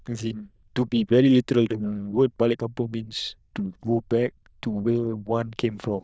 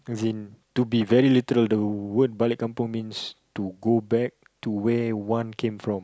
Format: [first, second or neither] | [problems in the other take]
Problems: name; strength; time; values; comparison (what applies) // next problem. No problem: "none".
second | noise reduction (neural diffusion model UNIVERSE++)